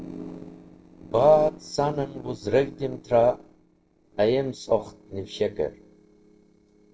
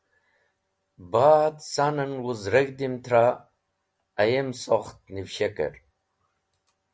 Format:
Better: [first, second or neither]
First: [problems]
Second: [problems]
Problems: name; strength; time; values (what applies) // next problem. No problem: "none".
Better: second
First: noise reduction (neural separator model SepFormer DNS4)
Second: none